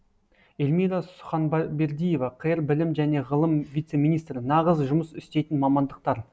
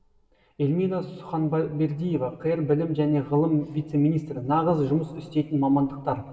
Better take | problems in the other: first | room echo; dies away in 1.6 s

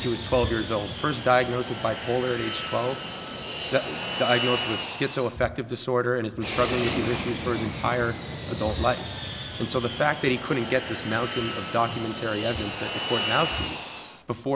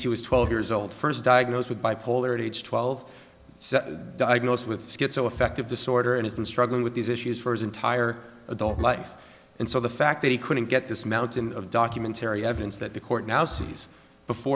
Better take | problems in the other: second | background sound (Fixed-wing aircraft, airplane); 6 dB below the speech

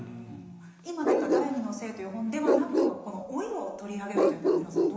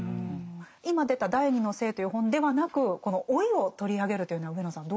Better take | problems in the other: second | background sound (Bark); 5 dB above the speech // room echo; dies away in 1 s

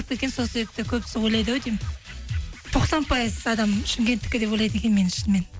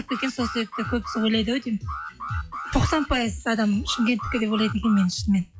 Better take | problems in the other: first | noise reduction (classical method log-MMSE)

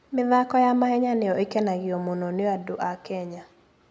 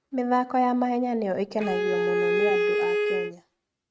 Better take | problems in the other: first | noise reduction (neural mask model RNNoise)

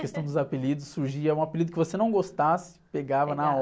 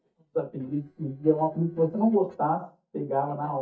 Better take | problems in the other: first | noise reduction (neural mask model DeepFilterNet 3)

